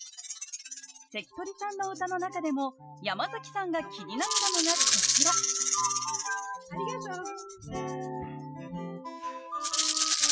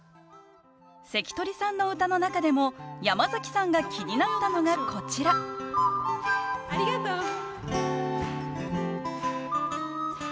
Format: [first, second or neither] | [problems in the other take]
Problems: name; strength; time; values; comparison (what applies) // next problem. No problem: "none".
second | noise reduction (classical method Wiener filter)